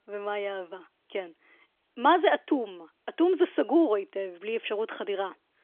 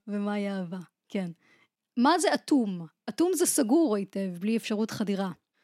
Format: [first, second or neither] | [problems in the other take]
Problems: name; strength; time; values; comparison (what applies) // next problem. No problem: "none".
second | phone-call audio; nothing above 3.5 kHz